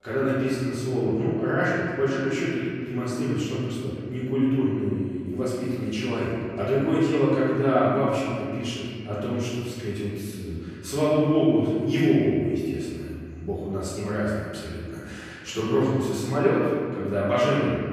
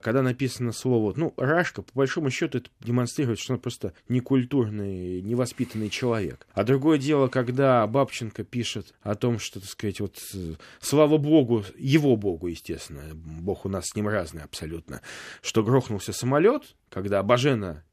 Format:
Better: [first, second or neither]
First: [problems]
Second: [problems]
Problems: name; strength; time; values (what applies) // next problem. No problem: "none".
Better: second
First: off-mic speech; far // room echo; strong; dies away in 2.1 s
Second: none